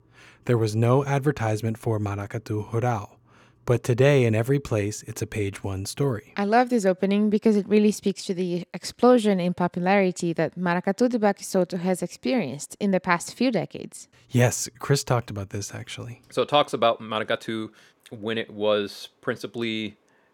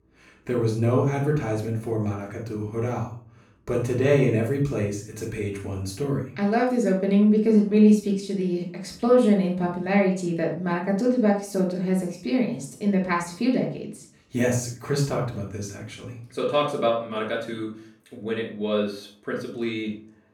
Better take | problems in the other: first | off-mic speech; far // room echo; noticeable; dies away in 0.4 s

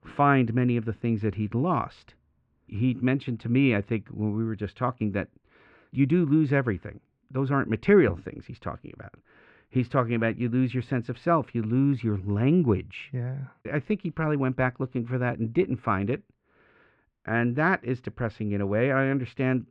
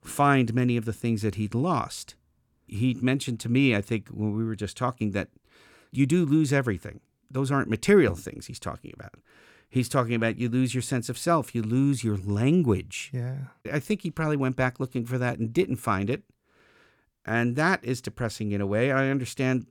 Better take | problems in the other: second | muffled; very; fading above 2.5 kHz

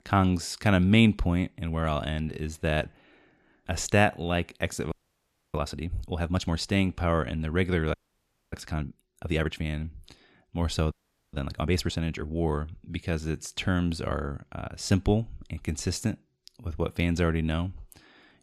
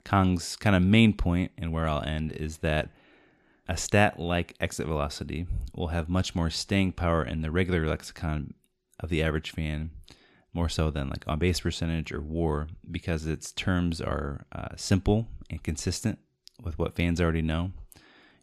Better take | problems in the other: second | audio freezing; at 5 s for 0.5 s, at 8 s for 0.5 s and at 11 s

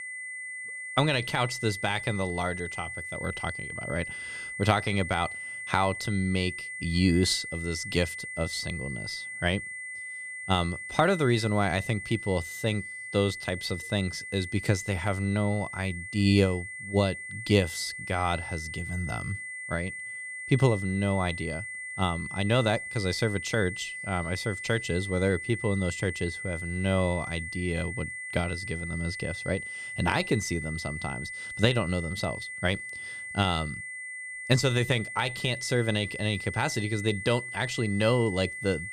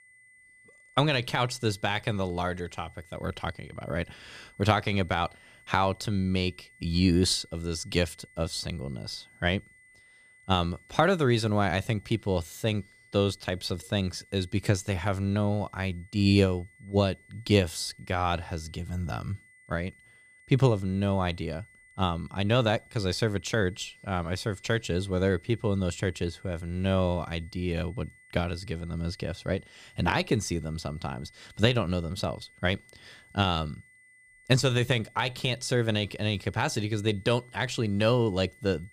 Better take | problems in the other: second | high-pitched whine; loud; throughout; 2 kHz, 7 dB below the speech; faint in the second

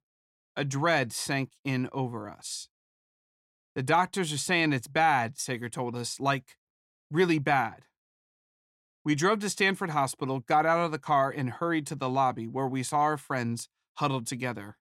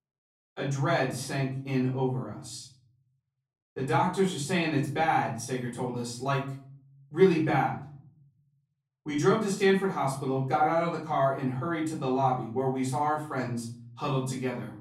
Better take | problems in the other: first | off-mic speech; far // room echo; slight; dies away in 0.6 s

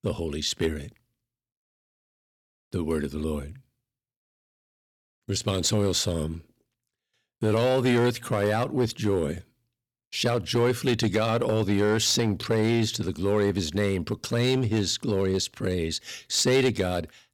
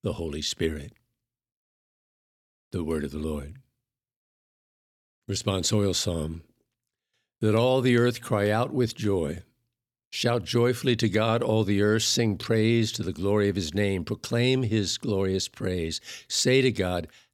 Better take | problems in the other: second | distortion; slight; 3% of the sound clipped

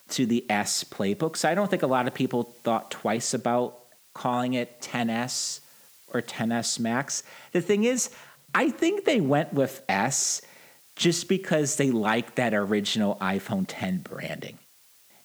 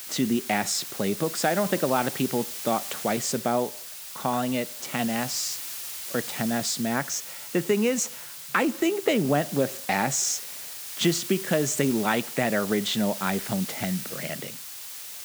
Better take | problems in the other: first | hiss; loud; throughout; 8 dB below the speech; faint in the first

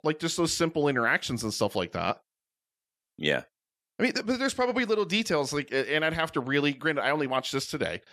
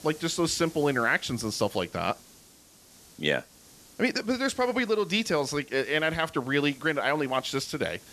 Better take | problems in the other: first | hiss; faint; throughout; 25 dB below the speech

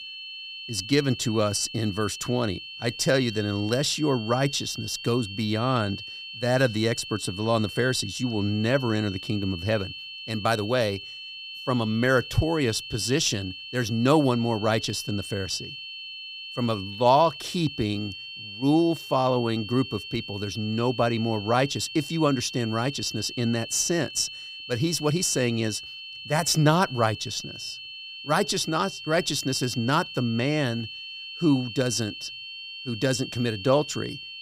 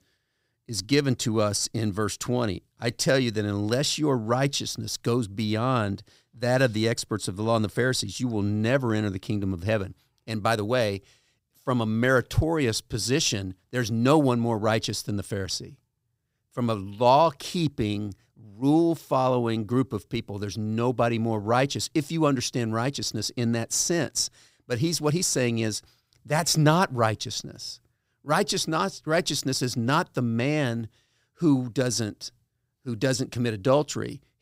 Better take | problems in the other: second | high-pitched whine; noticeable; throughout; 3 kHz, 10 dB below the speech

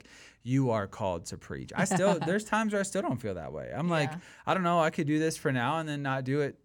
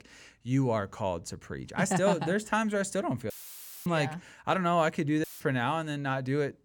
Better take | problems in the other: first | audio cutting out; filled with static; at 3.5 s for 0.5 s and at 5 s

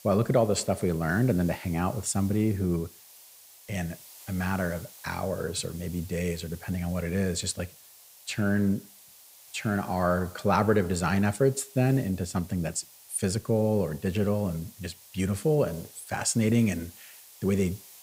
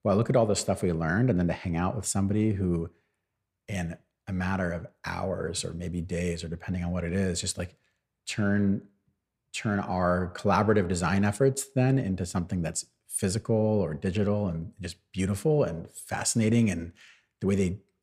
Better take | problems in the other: second | hiss; noticeable; throughout; 20 dB below the speech

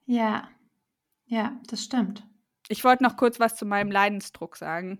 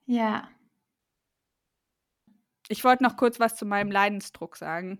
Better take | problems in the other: first | audio cutting out; at 1 s for 1.5 s

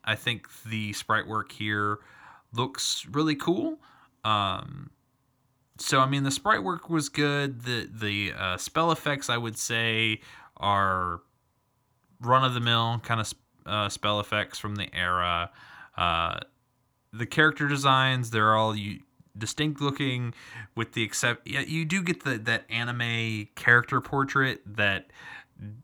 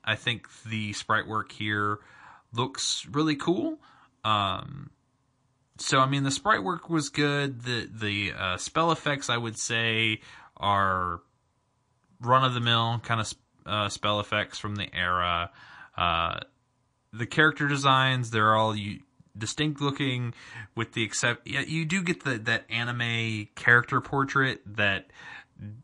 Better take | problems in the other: first | garbled, watery; slightly; nothing above 10 kHz

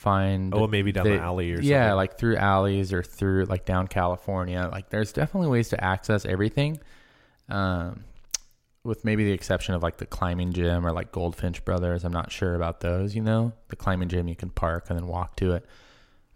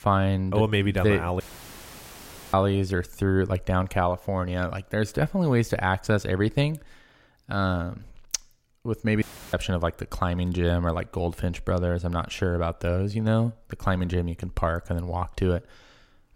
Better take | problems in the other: first | audio cutting out; filled with static; at 1.5 s for 1 s and at 9 s

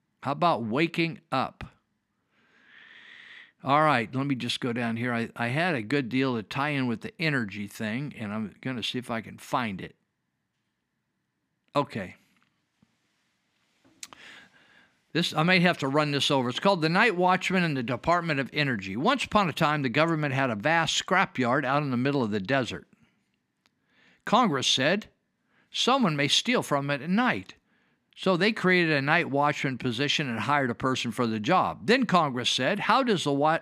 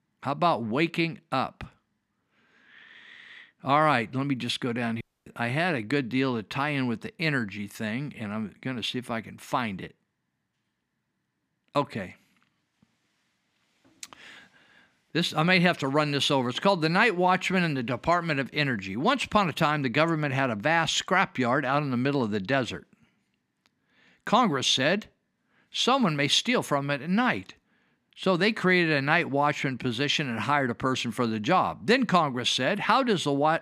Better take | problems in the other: first | audio cutting out; at 5 s

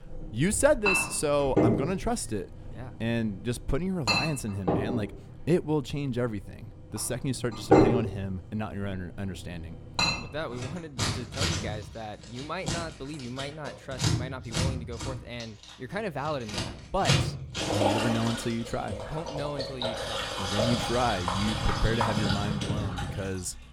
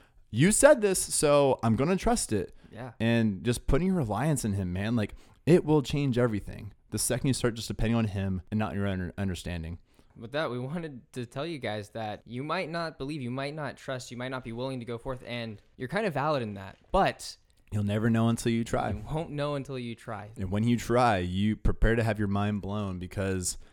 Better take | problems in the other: second | household noises; very loud; throughout; 2 dB above the speech

